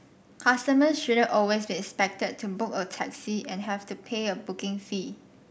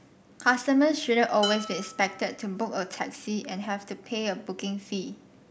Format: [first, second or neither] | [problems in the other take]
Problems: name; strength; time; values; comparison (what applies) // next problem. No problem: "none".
first | background sound (Dishes, pots, and pans); 13 dB below the speech